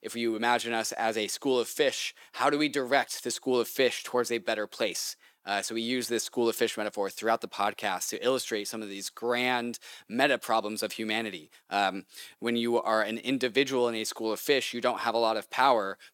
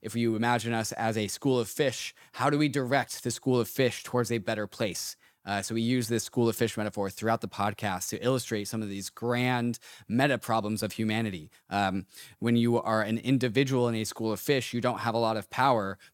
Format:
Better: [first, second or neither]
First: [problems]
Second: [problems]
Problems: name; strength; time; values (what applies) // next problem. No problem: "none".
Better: second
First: thin; somewhat; fading below 400 Hz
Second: none